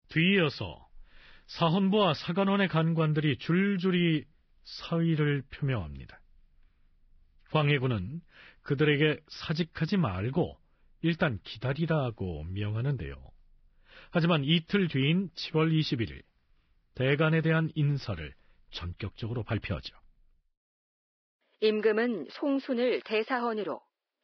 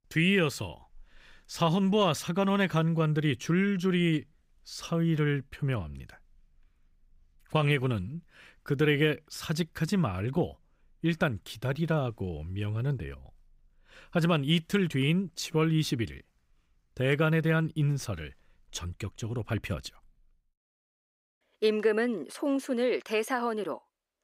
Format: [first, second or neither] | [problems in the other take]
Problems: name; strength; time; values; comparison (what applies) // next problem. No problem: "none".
second | garbled, watery; badly; nothing above 5.5 kHz